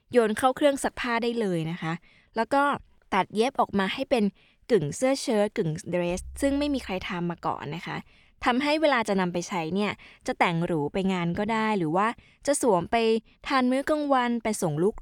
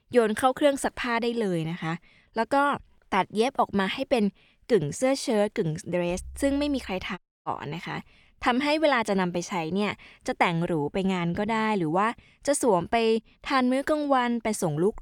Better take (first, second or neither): first